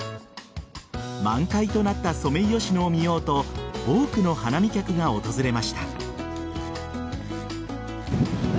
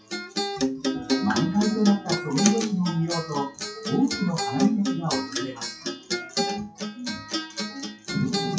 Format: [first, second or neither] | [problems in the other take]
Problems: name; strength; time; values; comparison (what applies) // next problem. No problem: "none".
first | noise reduction (classical method WPE with log-MMSE)